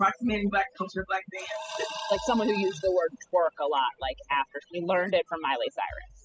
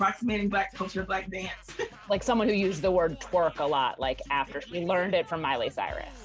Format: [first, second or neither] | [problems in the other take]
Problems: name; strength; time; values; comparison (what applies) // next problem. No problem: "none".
second | noise reduction (classical method spectral subtraction)